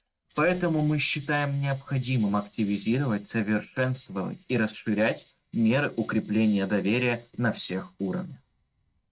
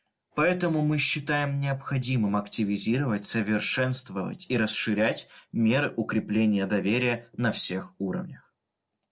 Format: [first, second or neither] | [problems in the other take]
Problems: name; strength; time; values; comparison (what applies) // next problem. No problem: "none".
second | noise reduction (neural mask model RNNoise)